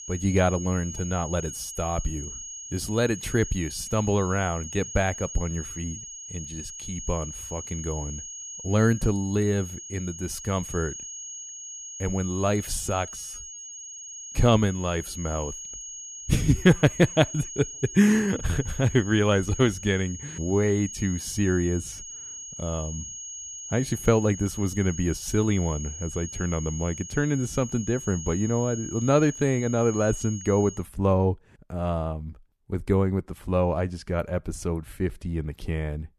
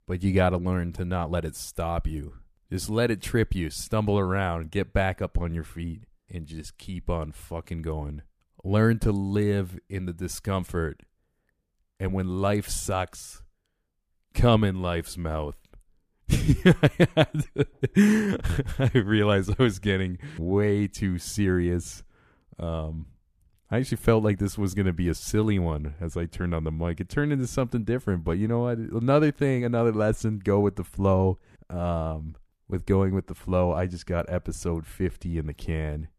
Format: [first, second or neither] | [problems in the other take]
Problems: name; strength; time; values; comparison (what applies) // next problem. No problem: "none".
second | high-pitched whine; noticeable; until 31 s; 6.5 kHz, 10 dB below the speech